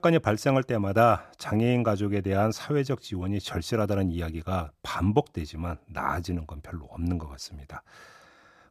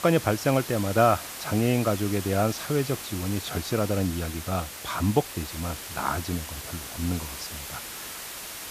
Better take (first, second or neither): first